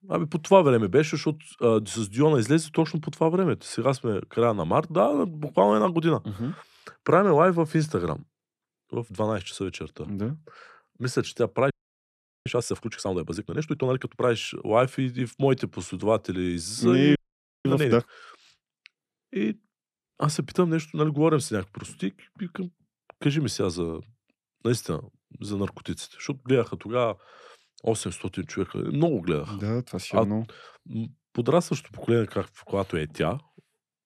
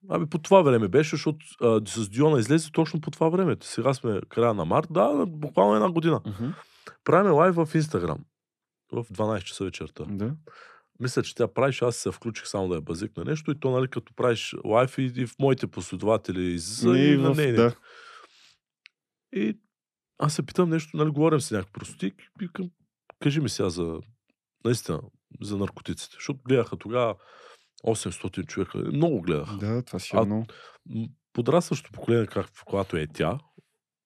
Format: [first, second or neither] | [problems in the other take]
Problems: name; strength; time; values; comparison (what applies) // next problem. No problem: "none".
second | audio freezing; at 12 s for 1 s and at 17 s for 0.5 s